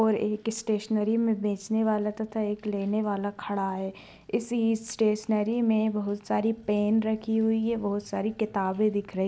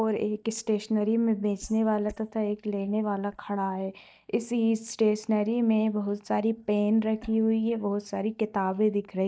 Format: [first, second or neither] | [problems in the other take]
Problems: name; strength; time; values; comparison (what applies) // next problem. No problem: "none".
first | noise reduction (neural mask model DeepFilterNet 3)